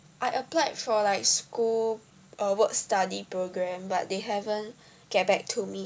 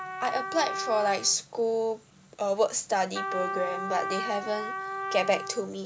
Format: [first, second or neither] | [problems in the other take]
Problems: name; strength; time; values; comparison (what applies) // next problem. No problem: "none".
first | background sound (Trumpet); 6 dB below the speech